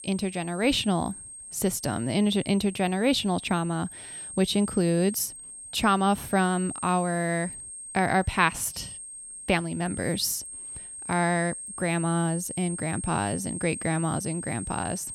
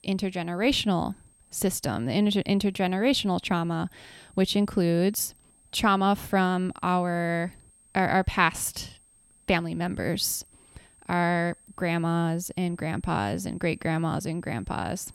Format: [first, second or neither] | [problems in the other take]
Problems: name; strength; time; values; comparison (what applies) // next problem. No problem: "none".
second | high-pitched whine; loud; throughout; 8.5 kHz, 10 dB below the speech; faint in the second